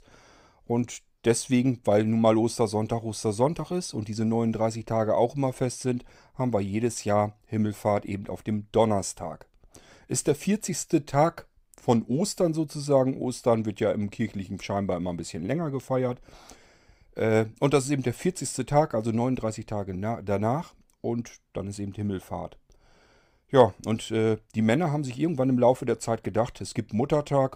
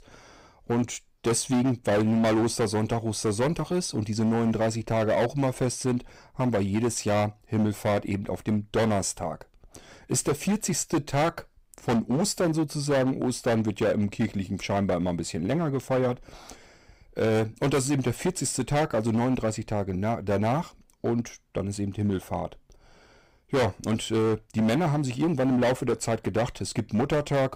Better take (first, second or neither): first